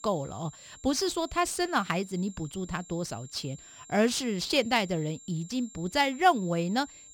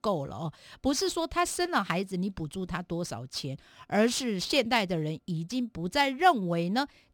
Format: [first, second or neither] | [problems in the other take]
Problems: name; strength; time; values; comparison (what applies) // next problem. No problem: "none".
second | high-pitched whine; noticeable; throughout; 7.5 kHz, 20 dB below the speech